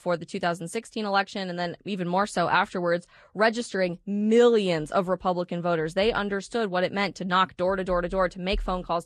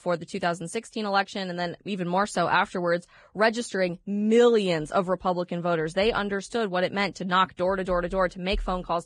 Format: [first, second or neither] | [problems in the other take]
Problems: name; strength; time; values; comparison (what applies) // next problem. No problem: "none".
first | garbled, watery; badly; slightly in the first